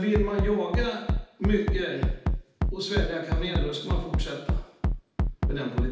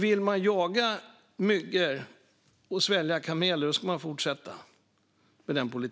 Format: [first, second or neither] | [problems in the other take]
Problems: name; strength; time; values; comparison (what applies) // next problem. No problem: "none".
second | background sound (Bass drum); 2 dB above the speech // room echo; dies away in 0.8 s